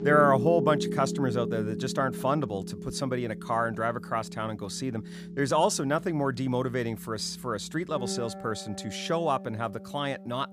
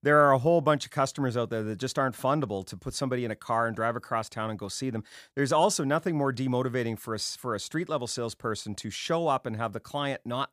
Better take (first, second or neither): second